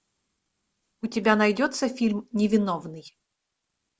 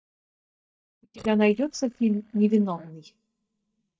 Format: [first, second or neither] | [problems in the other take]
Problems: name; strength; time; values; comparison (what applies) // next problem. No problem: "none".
first | noise reduction (neural mask model DeepFilterNet 3)